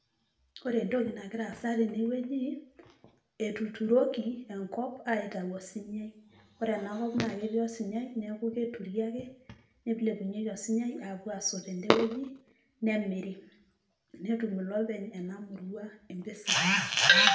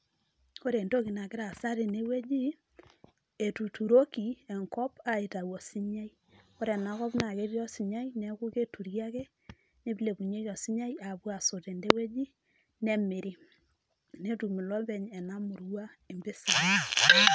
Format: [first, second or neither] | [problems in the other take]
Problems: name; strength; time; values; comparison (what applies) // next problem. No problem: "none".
second | room echo; dies away in 0.5 s